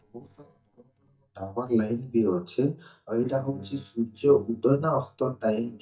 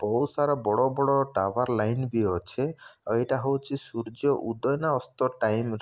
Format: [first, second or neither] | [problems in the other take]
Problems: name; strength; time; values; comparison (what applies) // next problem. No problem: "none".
second | noise reduction (neural mask model DeepFilterNet 3)